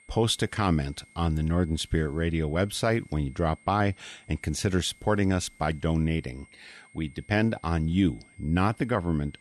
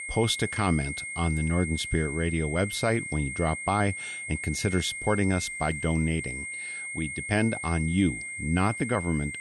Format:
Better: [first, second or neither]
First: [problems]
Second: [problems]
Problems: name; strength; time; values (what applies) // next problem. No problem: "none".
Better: first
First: high-pitched whine; faint; throughout; 2 kHz, 30 dB below the speech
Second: high-pitched whine; loud; throughout; 2 kHz, 6 dB below the speech